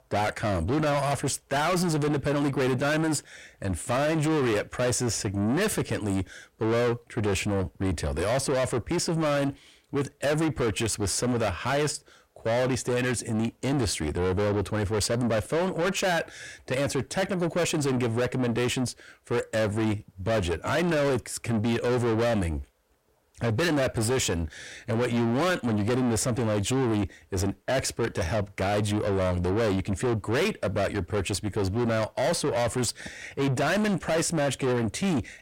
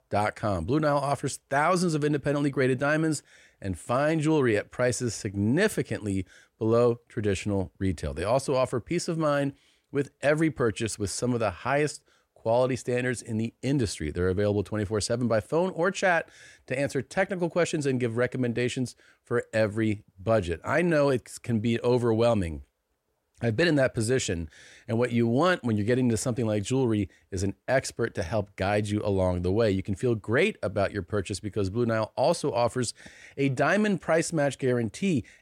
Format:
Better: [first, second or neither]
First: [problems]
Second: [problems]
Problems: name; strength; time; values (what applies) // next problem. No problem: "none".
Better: second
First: distortion; heavy; 7 dB below the speech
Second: none